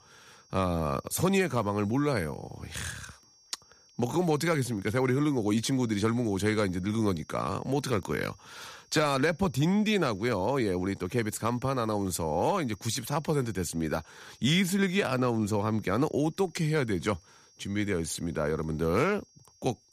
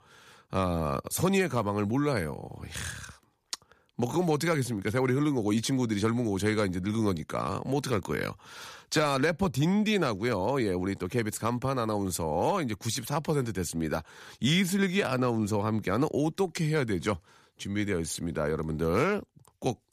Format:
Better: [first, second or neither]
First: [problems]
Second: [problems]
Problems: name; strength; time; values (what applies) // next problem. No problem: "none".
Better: second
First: high-pitched whine; faint; throughout; 5.5 kHz, 30 dB below the speech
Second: none